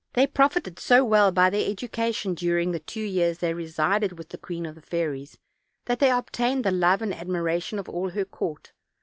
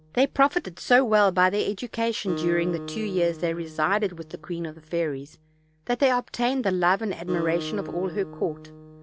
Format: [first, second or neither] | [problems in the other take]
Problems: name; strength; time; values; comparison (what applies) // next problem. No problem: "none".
first | background sound (Acoustic guitar); 13 dB below the speech